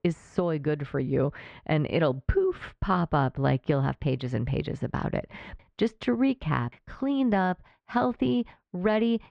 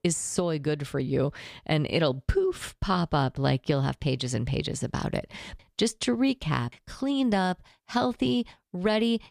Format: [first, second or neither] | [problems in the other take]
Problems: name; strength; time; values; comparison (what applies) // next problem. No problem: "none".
second | muffled; very; fading above 2 kHz